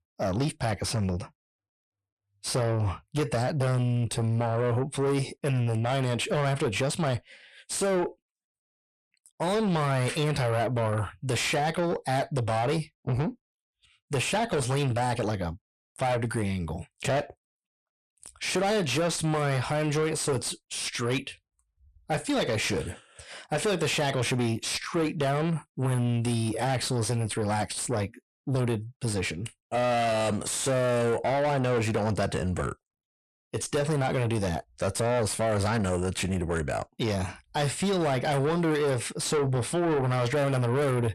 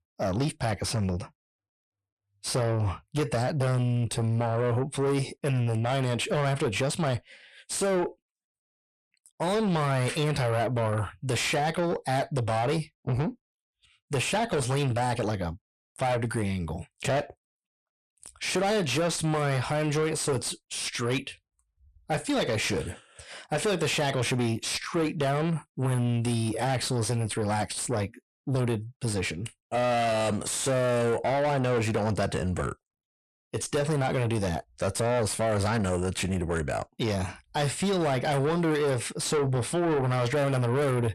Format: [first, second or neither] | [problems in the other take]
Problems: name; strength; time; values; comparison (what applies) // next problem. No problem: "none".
neither | distortion; heavy; 7 dB below the speech; the same in both